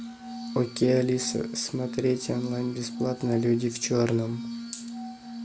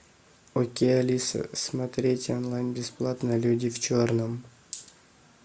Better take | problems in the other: second | background sound (Glass); 10 dB below the speech

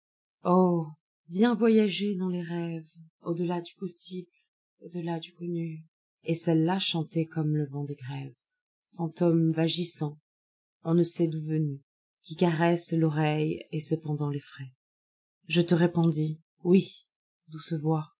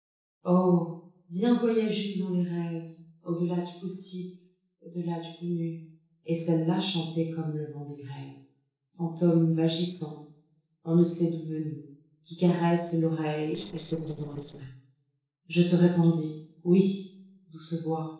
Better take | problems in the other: first | noise reduction (neural separator model SepFormer DNS4)

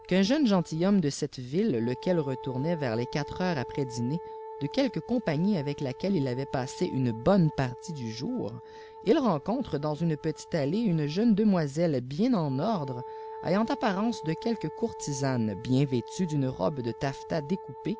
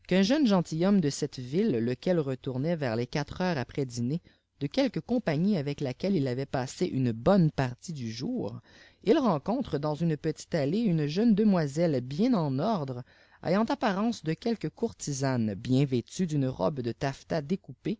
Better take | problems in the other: second | background sound (Wind instrument, woodwind instrument); 15 dB below the speech

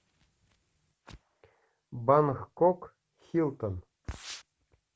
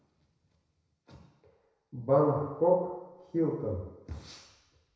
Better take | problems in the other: first | room echo; dies away in 0.9 s

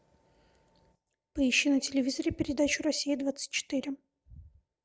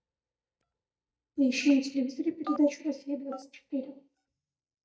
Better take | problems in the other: first | noise reduction (neural mask model DeepFilterNet 3)

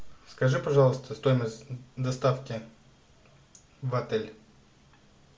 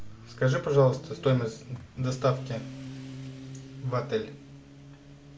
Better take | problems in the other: first | background sound (Motorcycle); 14 dB below the speech

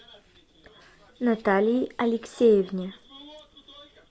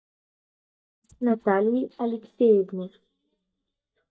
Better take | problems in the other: first | noise reduction (neural mask model DeepFilterNet 3)

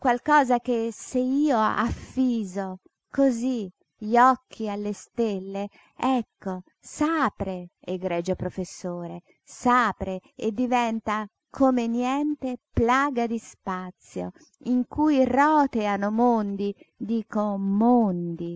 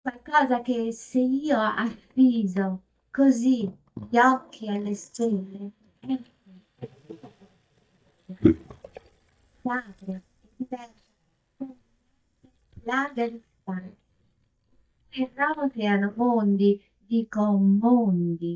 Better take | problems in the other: first | noise reduction (neural mask model DeepFilterNet 3)

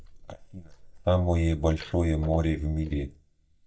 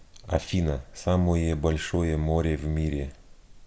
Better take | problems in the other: second | noise reduction (neural mask model DeepFilterNet 3)

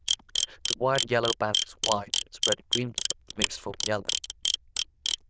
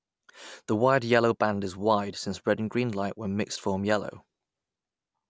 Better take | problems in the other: second | noise reduction (neural diffusion model UNIVERSE++)

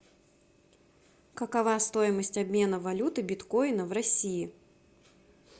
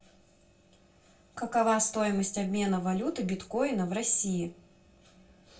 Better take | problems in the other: first | room echo; dies away in 0.2 s

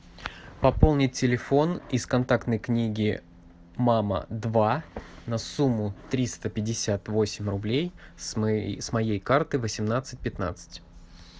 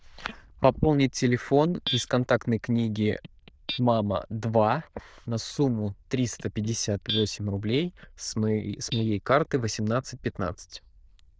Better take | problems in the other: first | noise reduction (neural diffusion model UNIVERSE++)

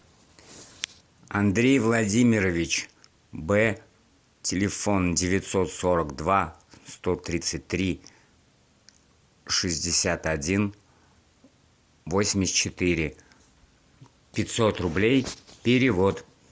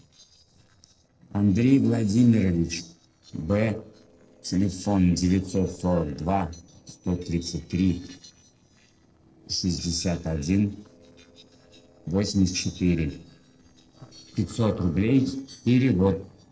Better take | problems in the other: first | noise reduction (neural separator model SepFormer DNS4)

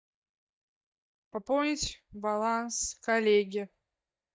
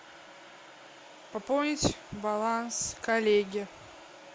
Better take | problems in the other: second | noise reduction (neural mask model DeepFilterNet 3)

